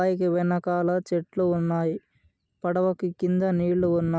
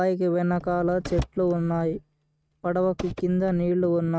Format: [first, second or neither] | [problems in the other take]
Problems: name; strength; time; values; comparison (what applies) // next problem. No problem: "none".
first | noise reduction (neural mask model RNNoise)